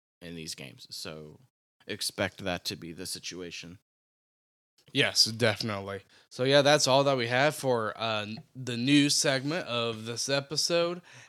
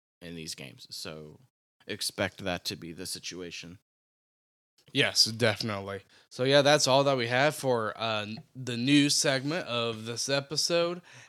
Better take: neither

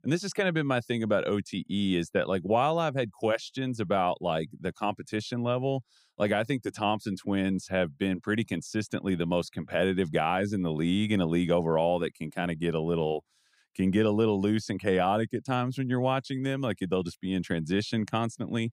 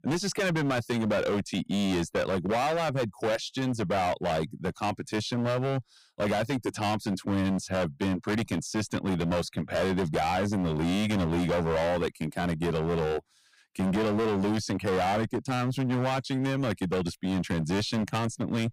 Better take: first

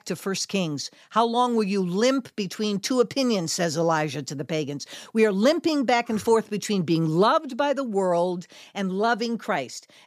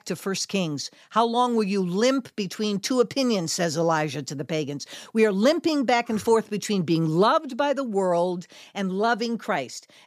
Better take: neither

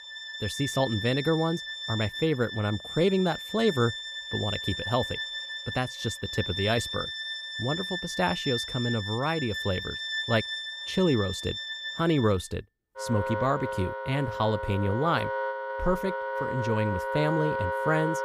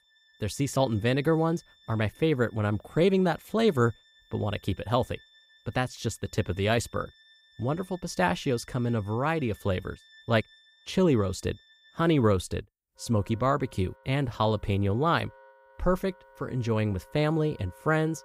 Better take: second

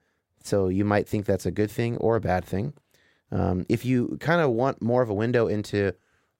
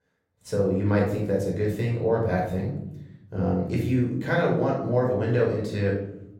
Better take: first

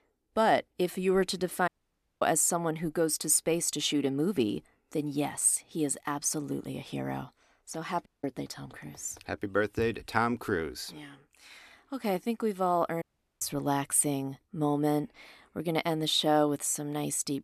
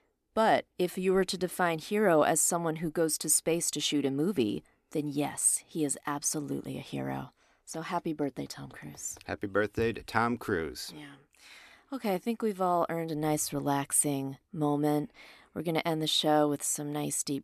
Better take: second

